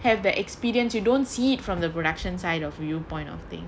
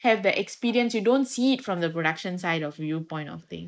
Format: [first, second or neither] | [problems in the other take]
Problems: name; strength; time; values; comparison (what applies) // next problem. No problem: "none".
first | noise reduction (neural mask model Resemble Enhance denoiser)